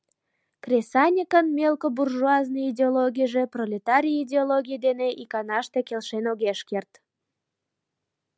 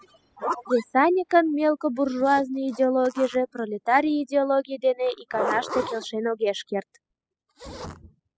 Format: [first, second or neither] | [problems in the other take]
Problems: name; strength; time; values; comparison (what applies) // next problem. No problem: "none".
first | noise reduction (classical method spectral subtraction)